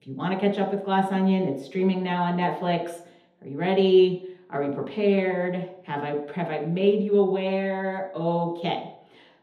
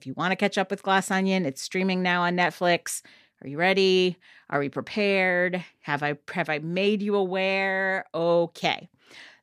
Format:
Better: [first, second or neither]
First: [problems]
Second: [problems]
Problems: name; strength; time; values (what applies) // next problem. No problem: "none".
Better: second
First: room echo; noticeable; dies away in 0.7 s // off-mic speech; far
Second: none